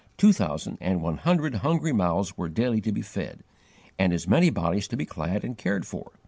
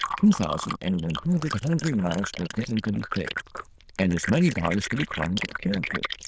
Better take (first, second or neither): first